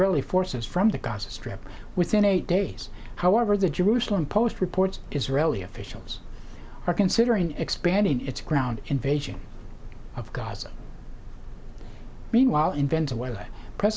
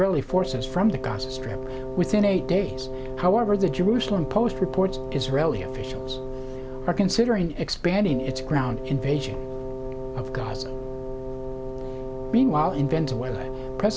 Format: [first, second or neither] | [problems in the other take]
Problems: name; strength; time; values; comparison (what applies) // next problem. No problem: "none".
first | background sound (Wind instrument, woodwind instrument); 8 dB below the speech